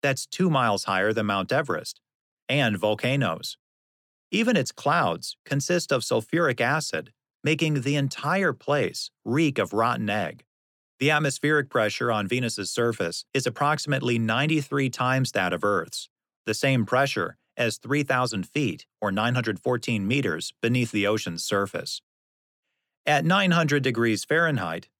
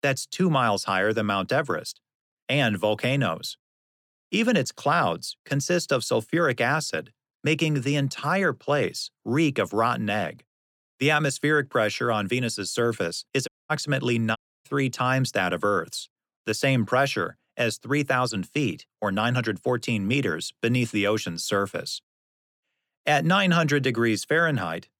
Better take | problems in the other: first | audio cutting out; at 13 s and at 14 s

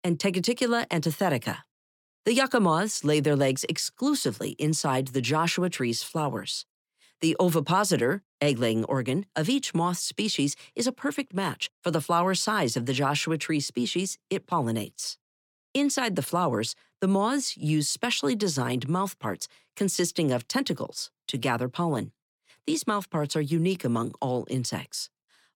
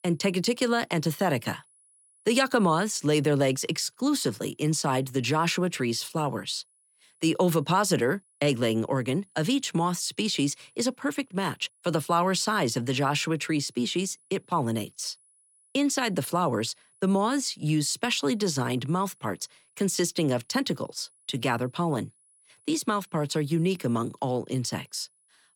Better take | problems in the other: first | high-pitched whine; faint; throughout; 10 kHz, 35 dB below the speech

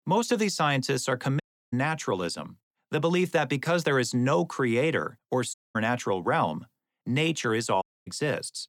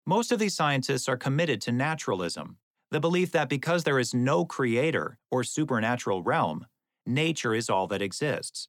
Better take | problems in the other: second | audio cutting out; at 1.5 s, at 5.5 s and at 8 s

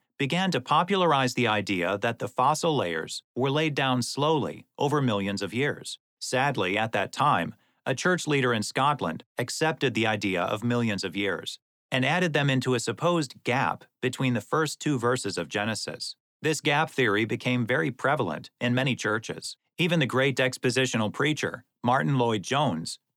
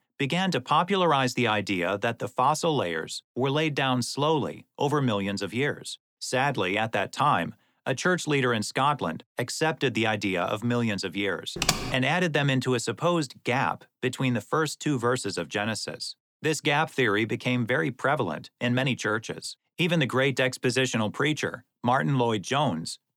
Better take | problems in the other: first | keyboard typing; loud; at 12 s; peak 1 dB above the speech

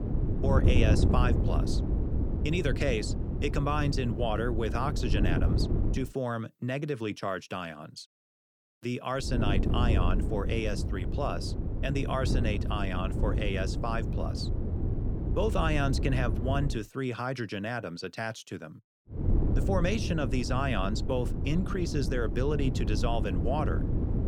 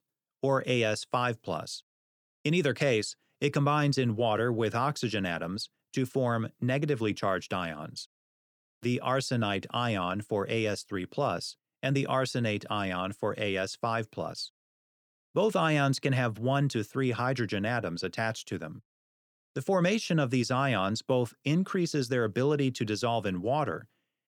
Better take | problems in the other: second | wind noise on the microphone; heavy; until 6 s, from 9 to 17 s and from 19 s on; 7 dB below the speech

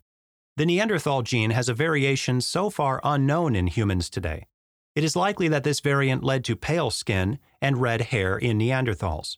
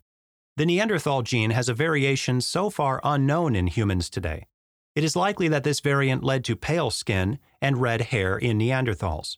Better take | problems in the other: neither | none

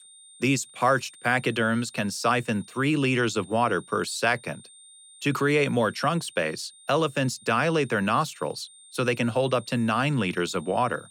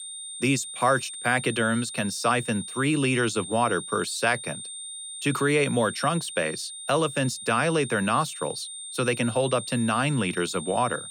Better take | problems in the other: first | high-pitched whine; loud; throughout; 8.5 kHz, 10 dB below the speech; faint in the first

